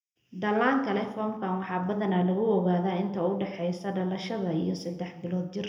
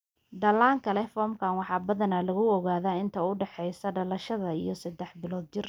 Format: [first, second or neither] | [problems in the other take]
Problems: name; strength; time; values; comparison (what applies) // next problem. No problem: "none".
second | room echo; dies away in 0.7 s